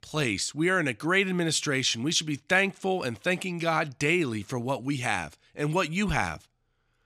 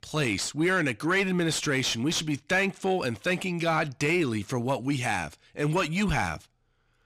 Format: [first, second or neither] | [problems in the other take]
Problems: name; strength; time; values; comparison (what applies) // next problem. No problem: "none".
first | distortion; slight; 10 dB below the speech